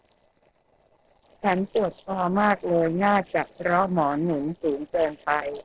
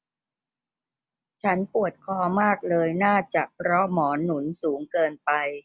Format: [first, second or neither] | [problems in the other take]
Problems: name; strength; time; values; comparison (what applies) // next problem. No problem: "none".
second | noise reduction (neural separator model SepFormer DNS4)